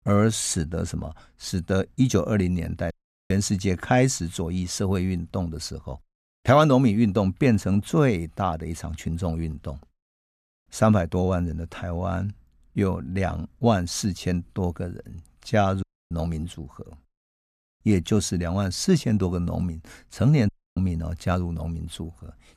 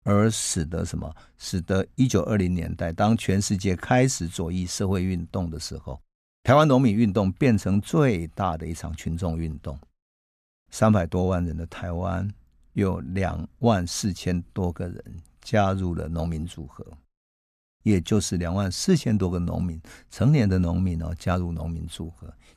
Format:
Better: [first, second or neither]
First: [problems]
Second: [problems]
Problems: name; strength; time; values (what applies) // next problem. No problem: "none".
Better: second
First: audio cutting out; at 3 s, at 16 s and at 20 s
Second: none